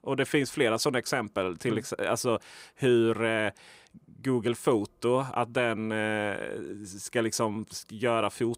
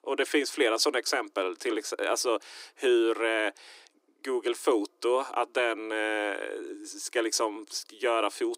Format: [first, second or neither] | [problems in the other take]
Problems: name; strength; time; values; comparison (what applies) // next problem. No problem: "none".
first | thin; somewhat; fading below 300 Hz